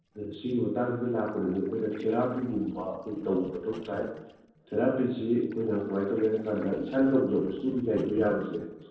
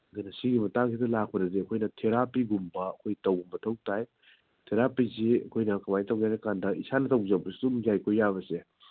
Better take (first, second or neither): second